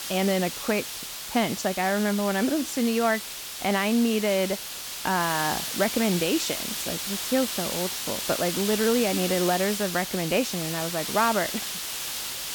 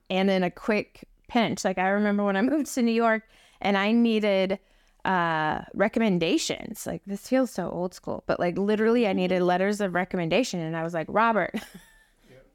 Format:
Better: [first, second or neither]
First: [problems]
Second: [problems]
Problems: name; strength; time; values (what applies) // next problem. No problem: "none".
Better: second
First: hiss; loud; throughout; 4 dB below the speech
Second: none